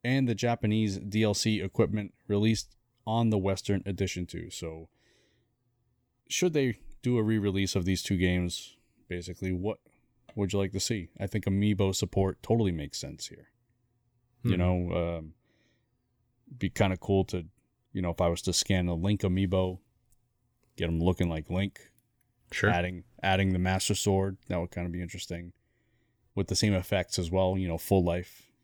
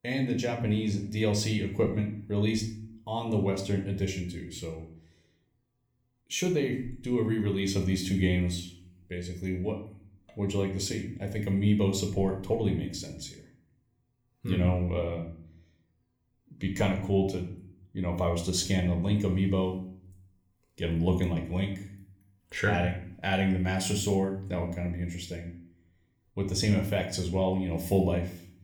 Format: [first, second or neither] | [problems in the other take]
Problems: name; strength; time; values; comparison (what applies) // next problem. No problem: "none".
first | room echo; slight; dies away in 0.5 s // off-mic speech; somewhat distant